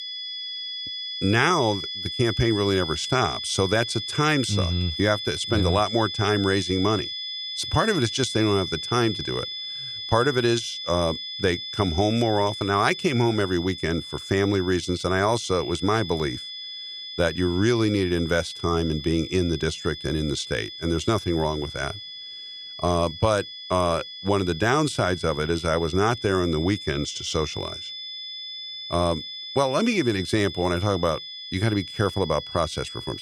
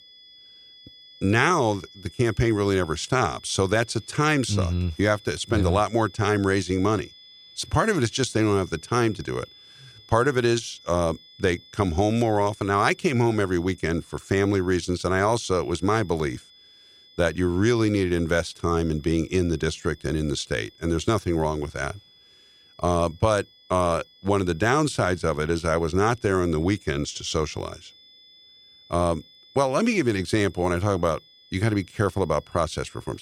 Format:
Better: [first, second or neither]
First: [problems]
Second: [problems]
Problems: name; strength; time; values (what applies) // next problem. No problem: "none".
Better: second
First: high-pitched whine; loud; throughout; 3.5 kHz, 8 dB below the speech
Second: high-pitched whine; faint; throughout; 3.5 kHz, 25 dB below the speech